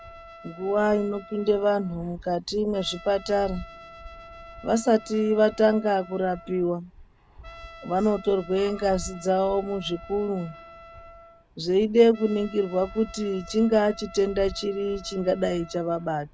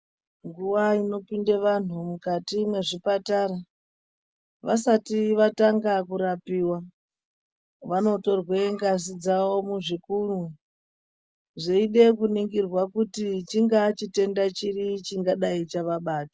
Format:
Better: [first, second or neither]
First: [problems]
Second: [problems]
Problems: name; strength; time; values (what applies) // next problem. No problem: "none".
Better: second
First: background sound (Trumpet + Fixed-wing aircraft, airplane); 18 dB below the speech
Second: none